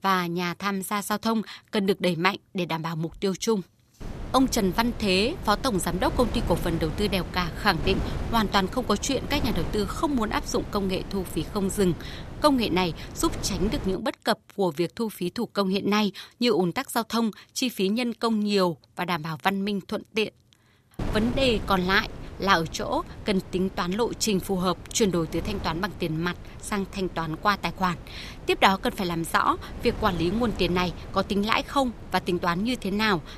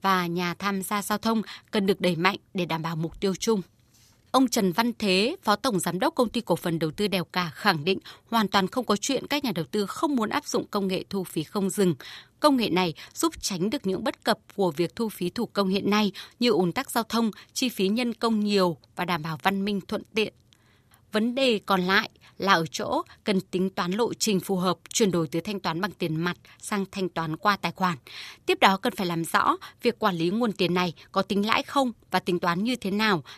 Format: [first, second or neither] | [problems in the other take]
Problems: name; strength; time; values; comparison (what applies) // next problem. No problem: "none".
second | wind noise on the microphone; occasional gusts; from 4 to 14 s and from 21 s on; 15 dB below the speech